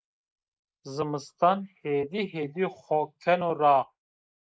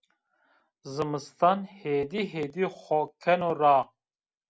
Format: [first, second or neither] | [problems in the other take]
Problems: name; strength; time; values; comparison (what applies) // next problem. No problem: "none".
second | noise reduction (neural mask model Resemble Enhance denoiser)